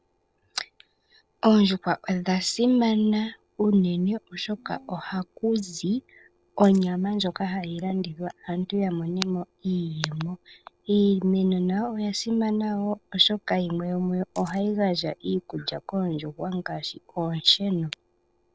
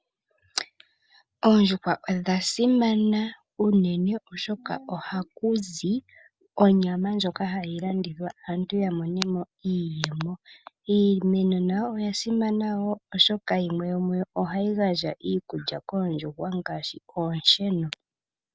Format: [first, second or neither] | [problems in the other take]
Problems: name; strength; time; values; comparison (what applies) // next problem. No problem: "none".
second | noise reduction (neural separator model SepFormer DNS4)